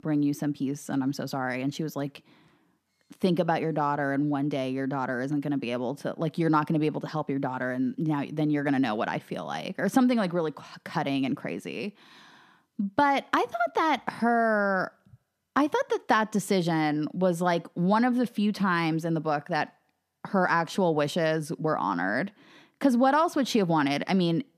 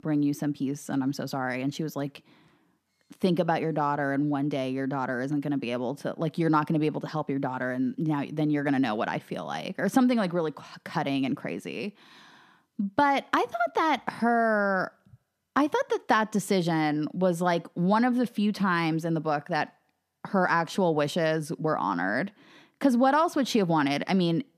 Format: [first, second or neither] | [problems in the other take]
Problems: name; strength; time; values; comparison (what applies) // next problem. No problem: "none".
neither | none